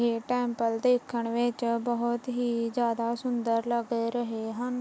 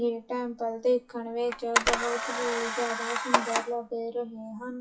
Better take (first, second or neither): first